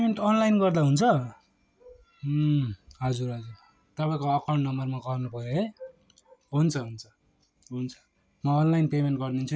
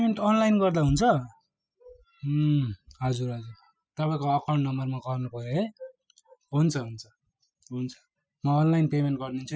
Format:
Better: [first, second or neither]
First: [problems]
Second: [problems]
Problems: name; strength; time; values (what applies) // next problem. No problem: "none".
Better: first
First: none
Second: noise reduction (classical method spectral subtraction)